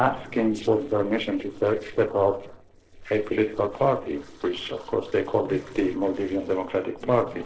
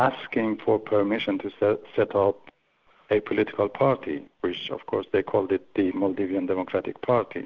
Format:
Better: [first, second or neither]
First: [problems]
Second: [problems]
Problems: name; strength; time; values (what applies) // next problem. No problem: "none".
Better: second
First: noise reduction (neural separator model SepFormer DNS4)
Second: none